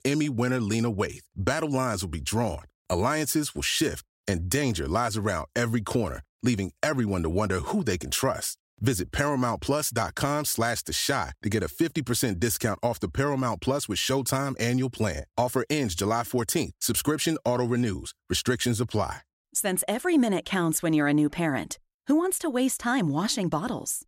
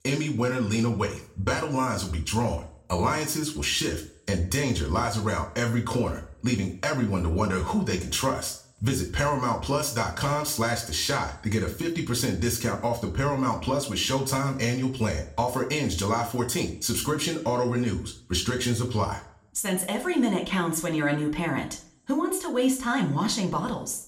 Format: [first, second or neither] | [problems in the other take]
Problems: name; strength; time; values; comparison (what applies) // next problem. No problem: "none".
first | room echo; very slight; dies away in 0.4 s // off-mic speech; somewhat distant